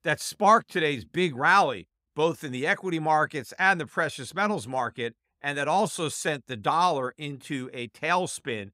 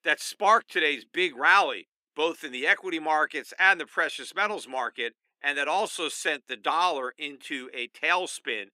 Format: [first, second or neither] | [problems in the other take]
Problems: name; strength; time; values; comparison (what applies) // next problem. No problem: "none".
first | thin; somewhat; fading below 300 Hz